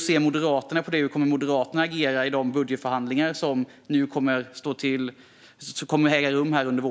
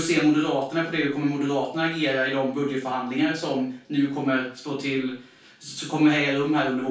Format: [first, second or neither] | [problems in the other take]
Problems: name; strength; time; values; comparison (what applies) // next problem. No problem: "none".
first | room echo; dies away in 0.3 s